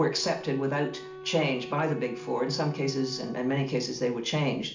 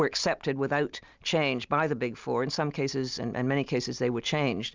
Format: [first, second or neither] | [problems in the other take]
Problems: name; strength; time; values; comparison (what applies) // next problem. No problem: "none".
second | background sound (Wind instrument, woodwind instrument); 15 dB below the speech // room echo; dies away in 0.4 s